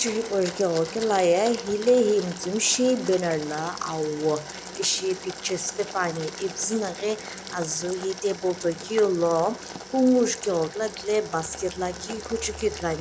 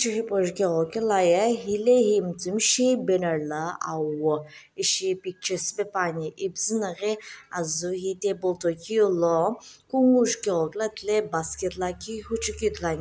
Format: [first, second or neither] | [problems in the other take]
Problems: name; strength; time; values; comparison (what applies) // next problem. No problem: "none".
second | background sound (Domestic sounds, home sounds + Boiling); 13 dB below the speech